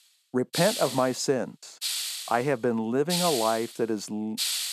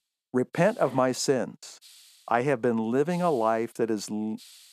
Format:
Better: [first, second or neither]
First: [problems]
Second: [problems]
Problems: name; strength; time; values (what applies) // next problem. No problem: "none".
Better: second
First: hiss; loud; throughout; 3 dB below the speech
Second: hiss; faint; throughout; 25 dB below the speech